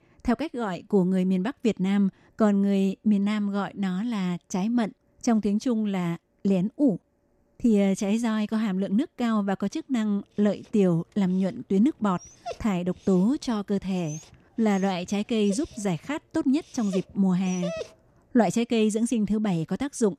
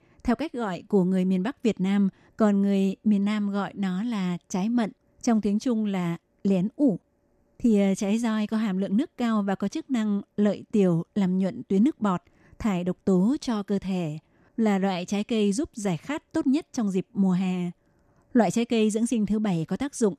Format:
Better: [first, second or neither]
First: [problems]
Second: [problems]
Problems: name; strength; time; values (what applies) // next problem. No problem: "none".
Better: second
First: dog barking; noticeable; from 12 to 18 s; peak 8 dB below the speech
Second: none